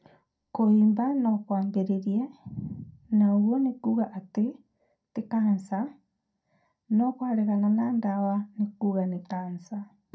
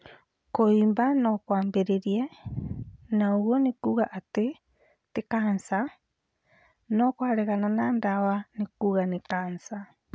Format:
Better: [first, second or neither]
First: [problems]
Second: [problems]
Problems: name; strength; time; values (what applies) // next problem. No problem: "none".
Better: second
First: room echo; dies away in 0.2 s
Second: none